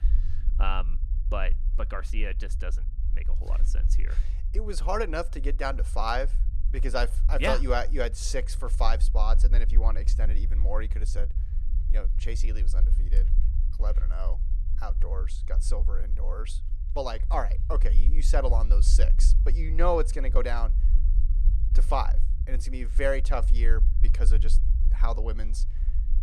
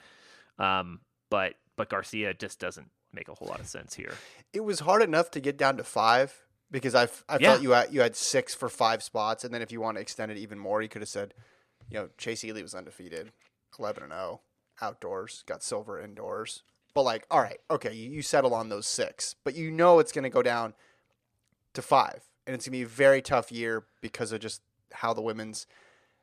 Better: second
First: low rumble; noticeable; throughout; 20 dB below the speech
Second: none

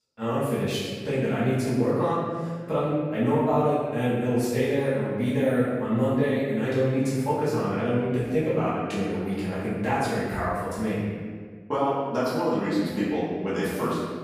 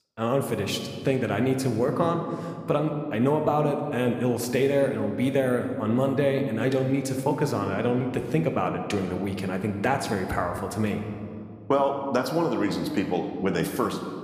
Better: second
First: room echo; strong; dies away in 1.5 s // off-mic speech; far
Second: room echo; slight; dies away in 1.8 s

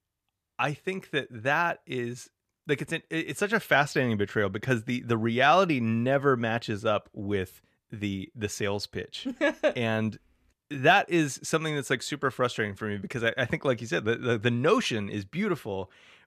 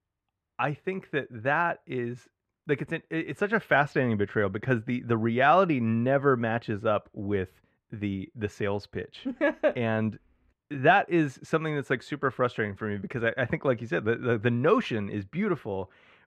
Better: first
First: none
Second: muffled; slightly; fading above 3.5 kHz

